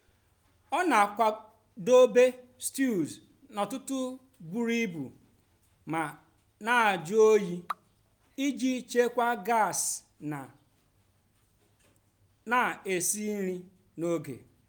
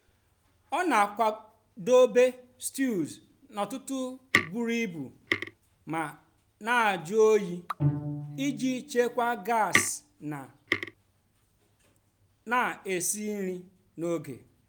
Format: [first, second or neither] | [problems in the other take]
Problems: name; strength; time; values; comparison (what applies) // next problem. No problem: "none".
first | background sound (Tick + Bowed string instrument); 4 dB below the speech